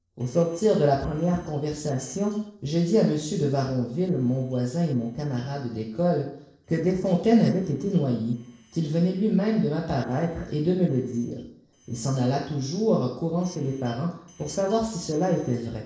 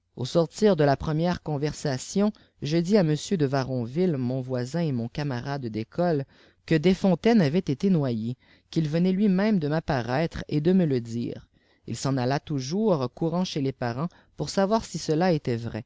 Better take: second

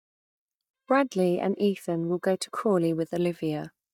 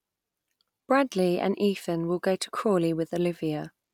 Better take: second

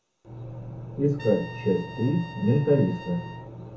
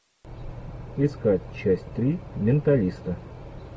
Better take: second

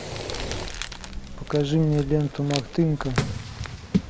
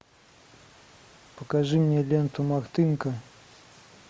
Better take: second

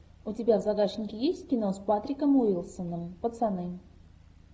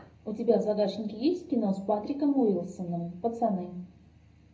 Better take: first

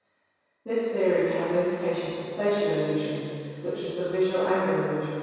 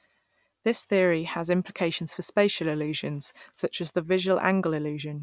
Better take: second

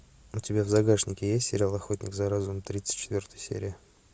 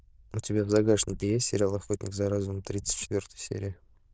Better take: first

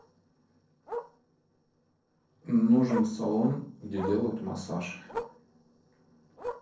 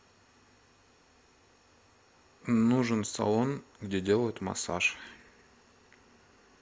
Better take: second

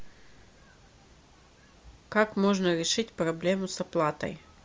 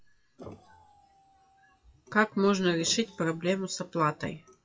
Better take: first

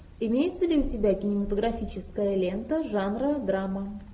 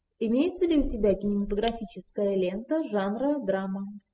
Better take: first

